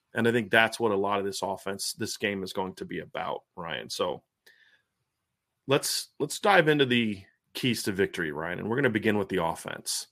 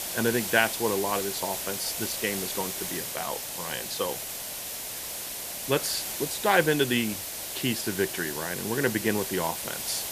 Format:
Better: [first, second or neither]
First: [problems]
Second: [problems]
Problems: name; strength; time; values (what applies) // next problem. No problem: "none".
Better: first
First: none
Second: hiss; loud; throughout; 3 dB below the speech